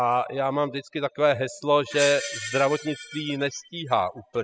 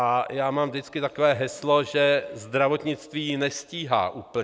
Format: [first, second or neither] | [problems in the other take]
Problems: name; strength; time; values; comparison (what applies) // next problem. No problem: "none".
second | noise reduction (classical method spectral subtraction)